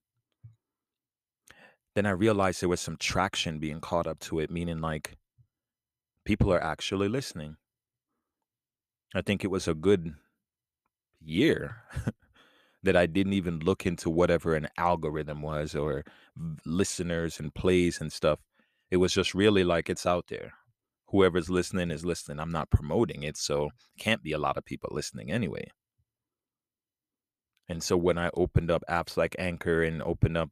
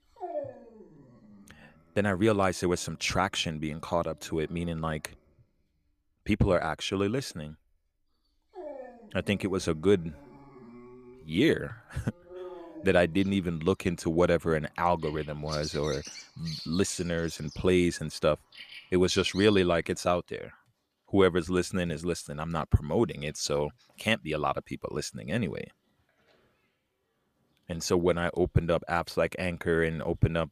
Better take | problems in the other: first | animal sounds; noticeable; throughout; 15 dB below the speech

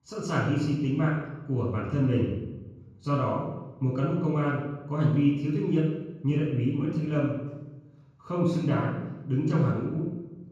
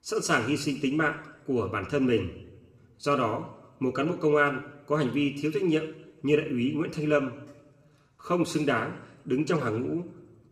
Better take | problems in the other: second | room echo; strong; dies away in 1.3 s; slight in the second // off-mic speech; far

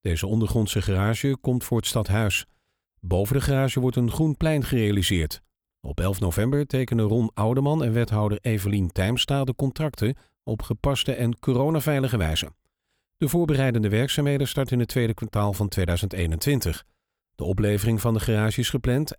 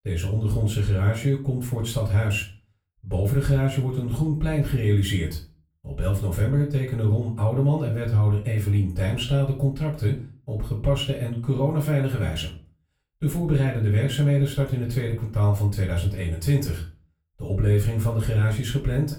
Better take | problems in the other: first | off-mic speech; far // room echo; slight; dies away in 0.4 s

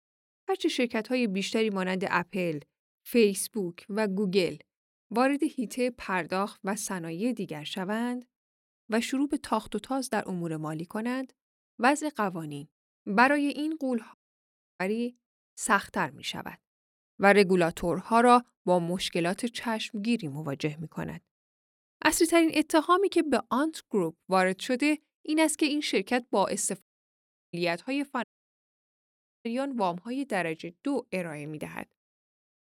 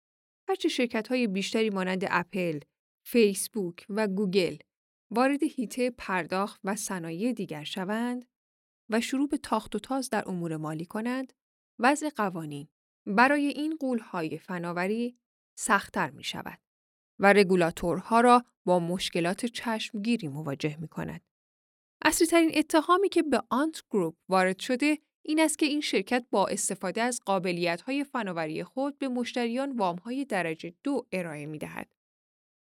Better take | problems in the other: second | audio cutting out; at 14 s for 0.5 s, at 27 s for 0.5 s and at 28 s for 1 s

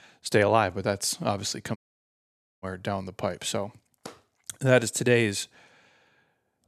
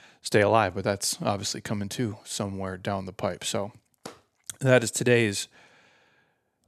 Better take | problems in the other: second | audio cutting out; at 2 s for 1 s

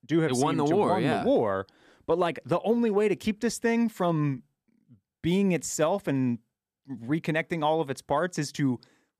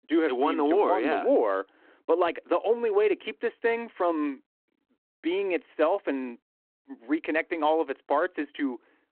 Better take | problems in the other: first | phone-call audio

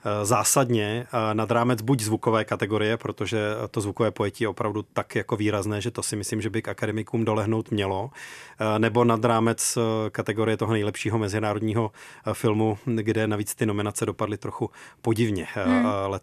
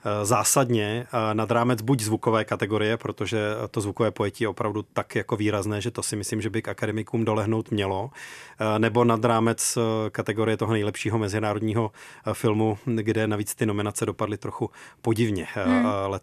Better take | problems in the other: neither | none

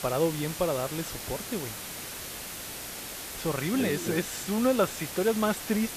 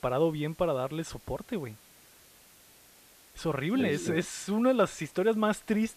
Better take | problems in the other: second | hiss; loud; throughout; 7 dB below the speech; faint in the second

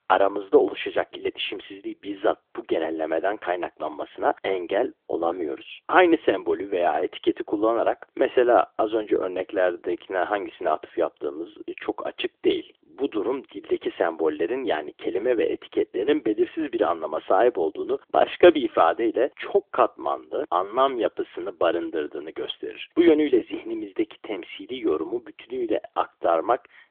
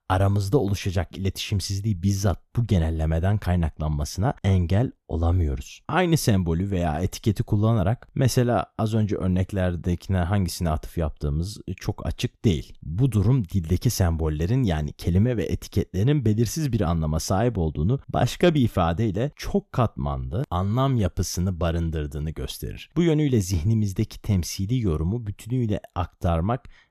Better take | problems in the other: second | phone-call audio; nothing above 3.5 kHz

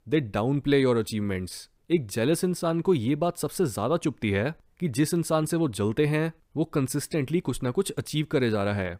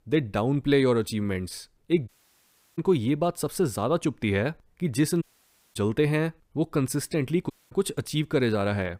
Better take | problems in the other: first | audio cutting out; at 2 s for 0.5 s, at 5 s for 0.5 s and at 7.5 s

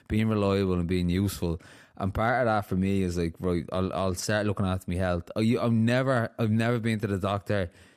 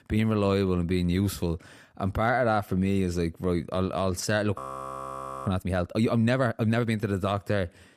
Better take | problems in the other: first | audio freezing; at 4.5 s for 1 s

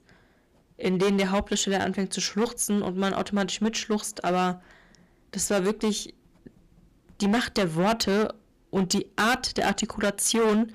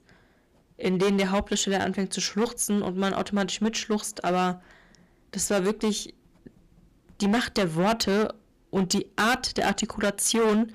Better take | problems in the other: neither | distortion; heavy; 11% of the sound clipped; the same in both

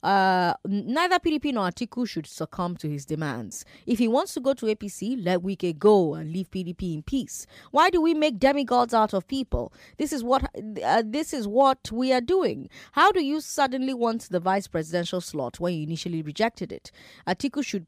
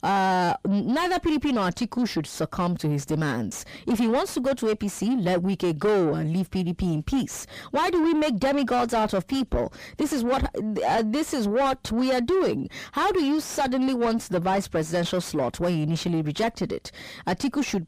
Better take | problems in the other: first | distortion; heavy; 5 dB below the speech

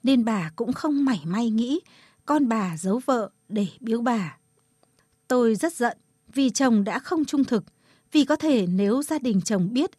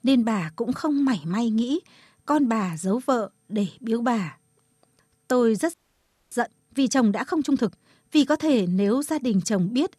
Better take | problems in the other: first | audio freezing; at 5.5 s for 0.5 s

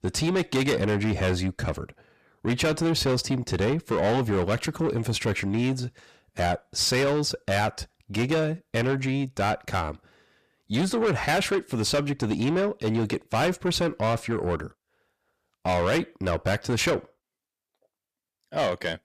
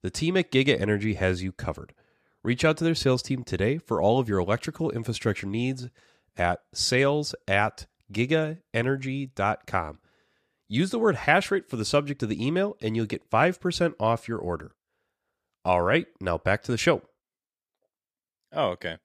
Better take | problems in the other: second | distortion; heavy; 6 dB below the speech

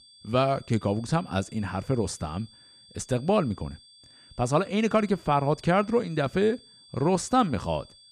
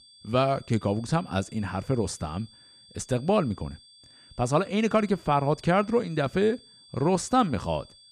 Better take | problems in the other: neither | high-pitched whine; faint; throughout; 4.5 kHz, 25 dB below the speech; the same in both

